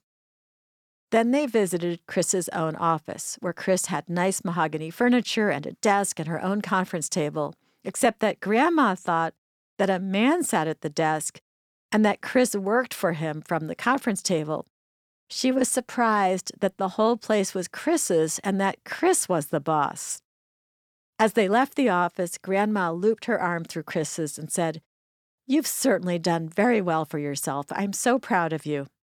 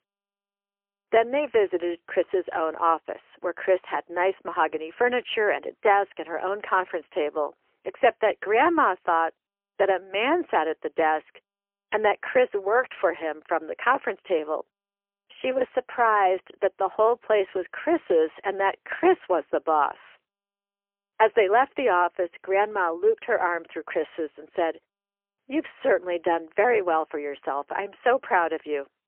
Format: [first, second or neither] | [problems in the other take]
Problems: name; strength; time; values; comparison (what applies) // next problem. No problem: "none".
first | phone-call audio; poor line; nothing above 3 kHz